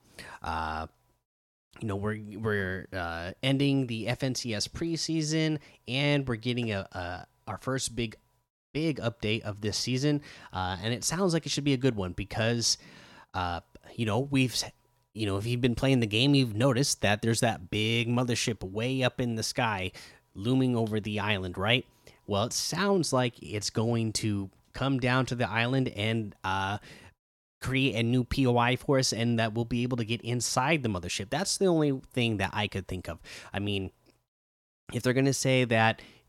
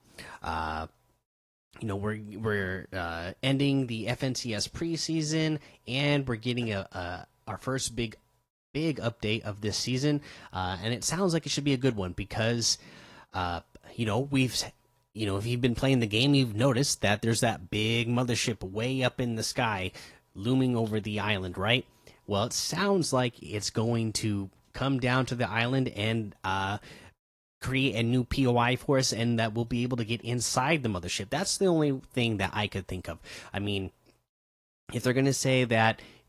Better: first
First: none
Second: garbled, watery; slightly

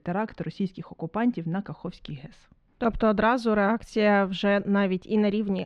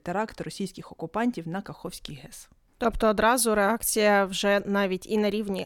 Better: second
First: muffled; slightly; fading above 3.5 kHz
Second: none

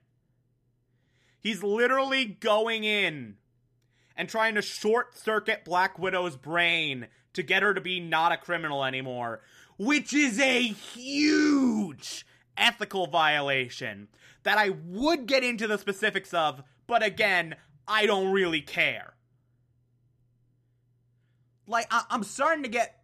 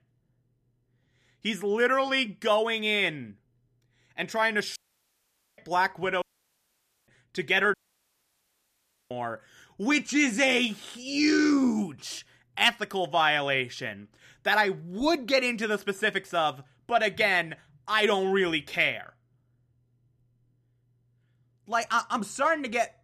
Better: first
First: none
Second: audio cutting out; at 5 s for 1 s, at 6 s for 1 s and at 7.5 s for 1.5 s

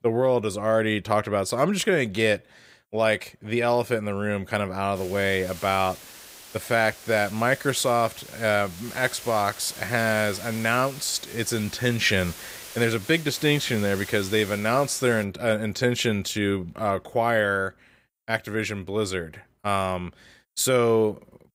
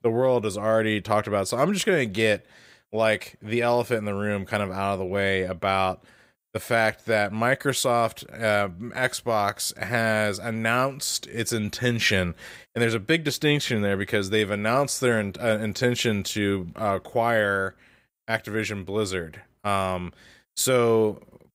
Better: second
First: hiss; noticeable; from 5 to 15 s; 15 dB below the speech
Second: none

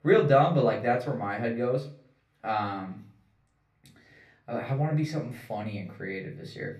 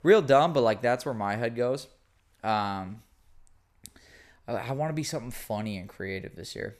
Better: second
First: room echo; slight; dies away in 0.5 s // off-mic speech; far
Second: none

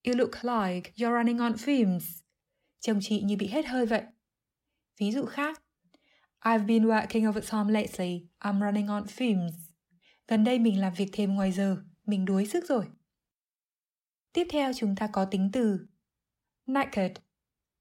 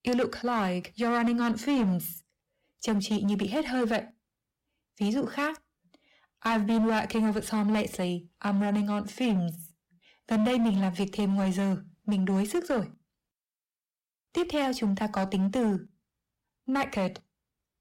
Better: first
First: none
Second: distortion; slight; 11% of the sound clipped

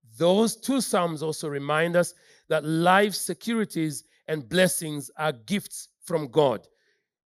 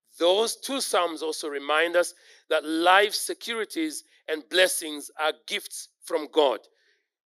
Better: first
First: none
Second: thin; somewhat; fading below 300 Hz

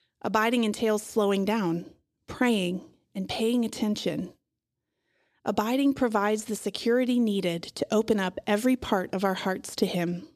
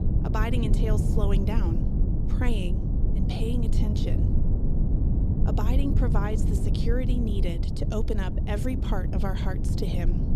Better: first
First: none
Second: low rumble; loud; throughout; 3 dB below the speech

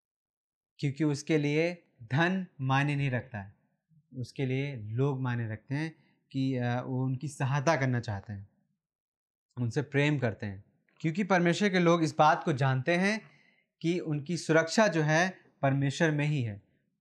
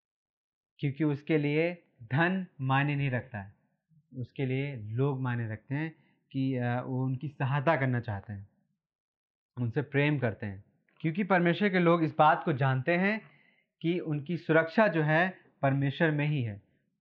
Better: first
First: none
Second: muffled; very; fading above 3.5 kHz

